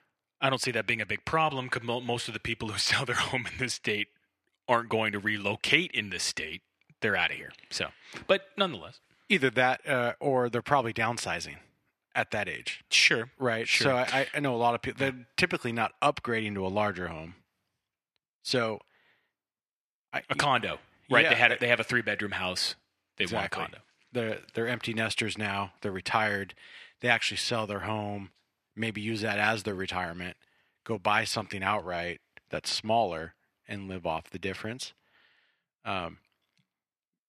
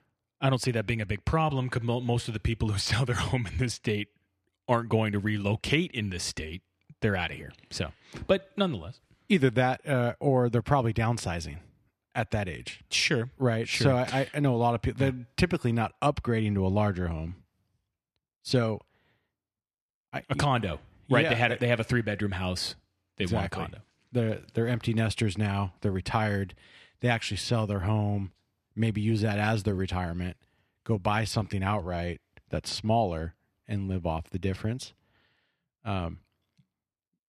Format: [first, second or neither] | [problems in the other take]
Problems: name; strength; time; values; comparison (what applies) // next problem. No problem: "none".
second | thin; somewhat; fading below 450 Hz